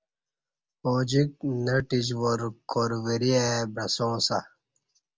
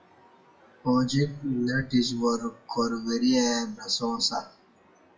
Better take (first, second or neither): first